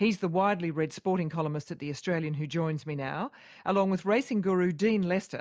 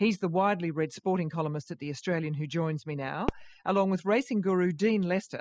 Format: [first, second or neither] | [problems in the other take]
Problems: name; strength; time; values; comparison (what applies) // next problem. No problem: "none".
first | noise reduction (classical method spectral subtraction)